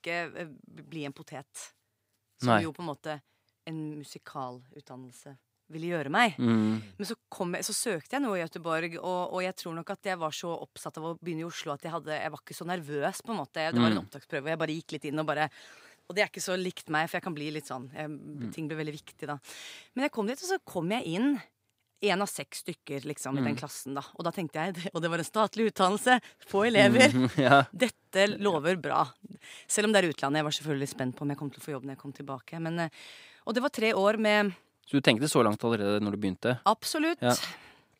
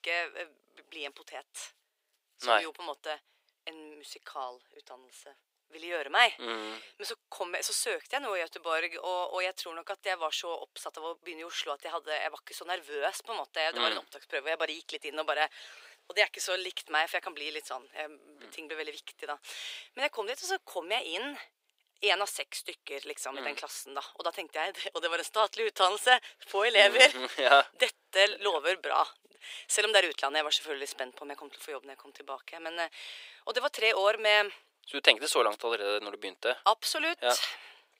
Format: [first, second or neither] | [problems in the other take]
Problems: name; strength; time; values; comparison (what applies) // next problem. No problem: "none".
first | thin; very; fading below 400 Hz